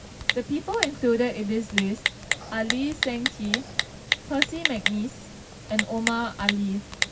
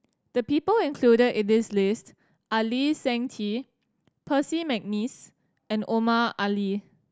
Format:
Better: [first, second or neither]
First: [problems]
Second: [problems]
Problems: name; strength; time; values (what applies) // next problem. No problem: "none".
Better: second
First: background sound (Typing); 1 dB below the speech // room echo; dies away in 0.4 s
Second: none